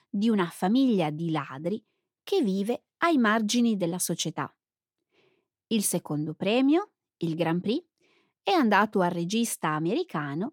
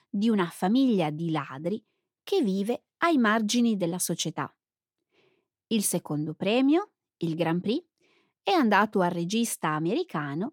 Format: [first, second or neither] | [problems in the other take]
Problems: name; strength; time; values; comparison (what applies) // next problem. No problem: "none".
neither | none